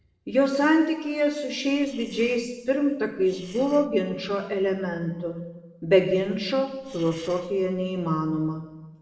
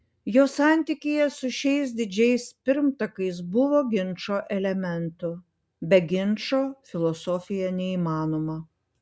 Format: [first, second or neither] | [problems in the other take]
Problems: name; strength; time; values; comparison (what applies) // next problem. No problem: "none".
second | noise reduction (neural separator model SepFormer DNS4)